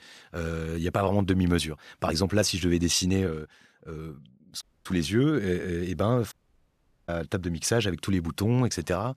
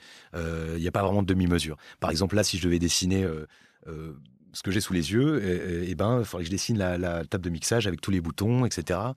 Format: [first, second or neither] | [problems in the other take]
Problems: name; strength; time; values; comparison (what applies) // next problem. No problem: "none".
second | audio cutting out; at 4.5 s and at 6.5 s for 1 s